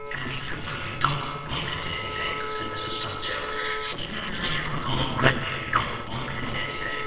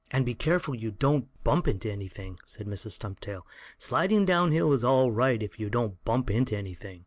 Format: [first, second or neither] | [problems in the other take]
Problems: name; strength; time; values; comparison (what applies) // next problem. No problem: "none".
second | noise reduction (neural separator model SepFormer WHAMR!)